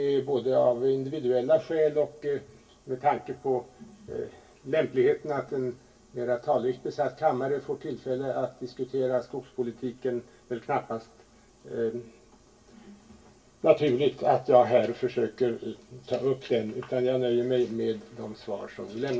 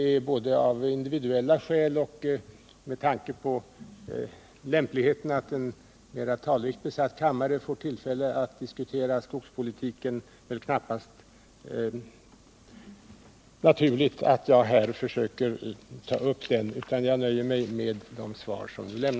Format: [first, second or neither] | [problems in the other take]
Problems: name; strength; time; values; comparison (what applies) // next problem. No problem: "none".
second | room echo; dies away in 0.2 s